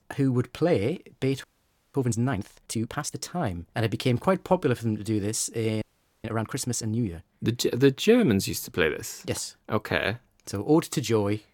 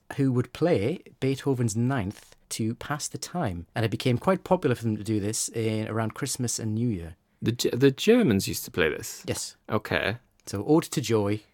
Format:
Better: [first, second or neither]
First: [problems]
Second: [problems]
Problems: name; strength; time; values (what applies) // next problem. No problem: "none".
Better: second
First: audio freezing; at 1.5 s for 0.5 s and at 6 s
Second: none